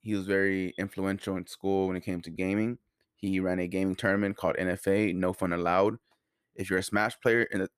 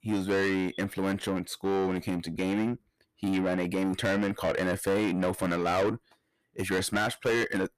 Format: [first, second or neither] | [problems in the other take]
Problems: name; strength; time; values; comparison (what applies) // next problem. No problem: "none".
first | distortion; heavy; 7 dB below the speech